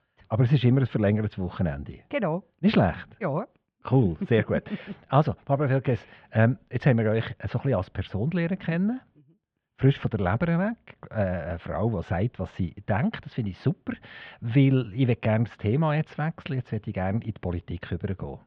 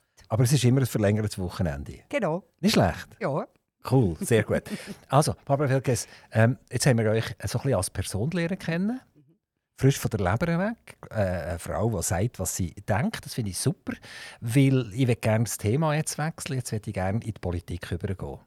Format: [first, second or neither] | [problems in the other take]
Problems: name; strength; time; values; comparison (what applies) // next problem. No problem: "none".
second | muffled; very; fading above 3.5 kHz